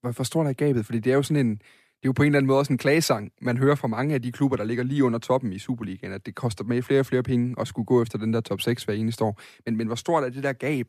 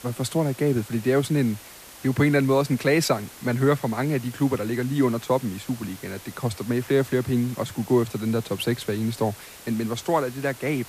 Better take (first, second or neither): first